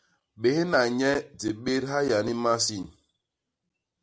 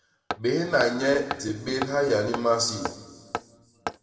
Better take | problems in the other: first | background sound (Hammer); 10 dB below the speech // room echo; dies away in 2 s

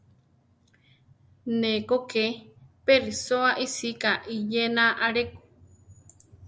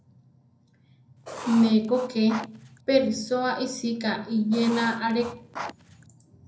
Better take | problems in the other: first | background sound (Writing); 12 dB below the speech // room echo; dies away in 0.6 s

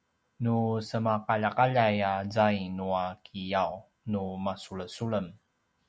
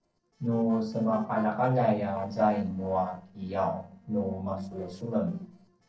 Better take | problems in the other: first | noise reduction (neural separator model SepFormer DNS4)

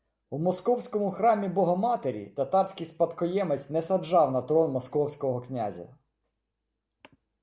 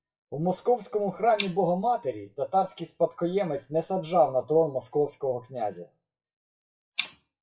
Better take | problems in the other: first | noise reduction (classical method WPE with log-MMSE)

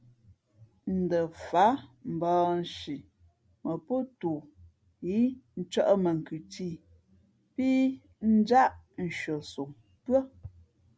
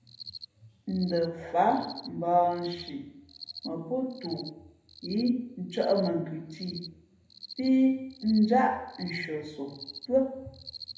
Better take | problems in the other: first | background sound (Cricket); 18 dB below the speech // room echo; dies away in 0.7 s

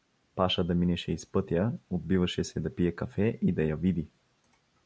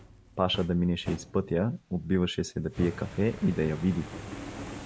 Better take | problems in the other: first | background sound (Fire); 13 dB below the speech

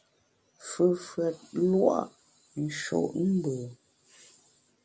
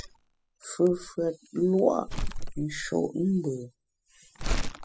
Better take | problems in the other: first | noise reduction (classical method spectral subtraction)

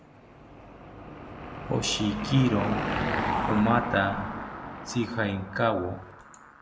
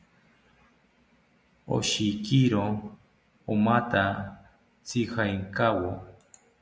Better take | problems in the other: second | background sound (Car passing by / Engine); 5 dB below the speech

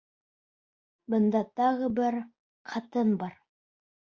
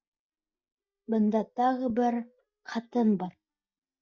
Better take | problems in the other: first | noise reduction (neural mask model DeepFilterNet 3)

